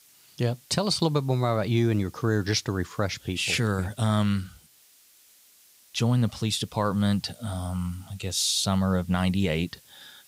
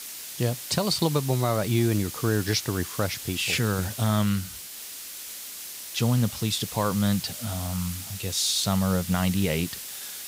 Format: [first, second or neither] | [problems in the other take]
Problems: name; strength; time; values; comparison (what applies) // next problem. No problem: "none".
first | hiss; loud; throughout; 9 dB below the speech; faint in the first